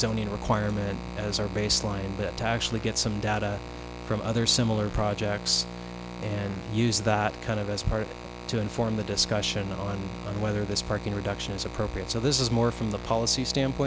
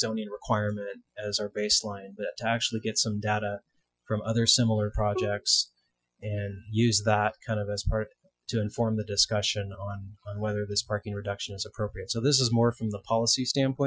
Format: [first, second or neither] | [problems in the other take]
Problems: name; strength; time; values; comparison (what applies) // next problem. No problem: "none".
first | noise reduction (classical method Wiener filter)